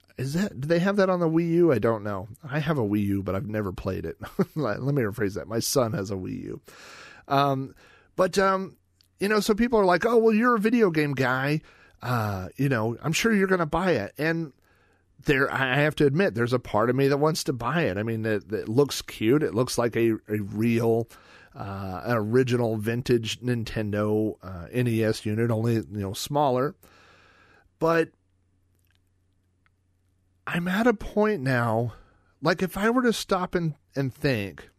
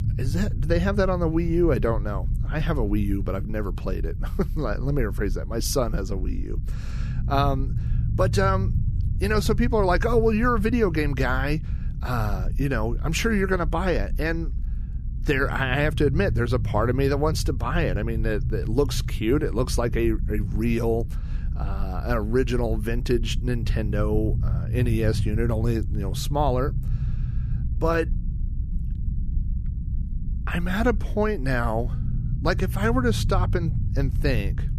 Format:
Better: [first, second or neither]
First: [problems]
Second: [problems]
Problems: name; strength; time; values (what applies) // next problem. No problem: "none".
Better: first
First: none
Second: low rumble; noticeable; throughout; 15 dB below the speech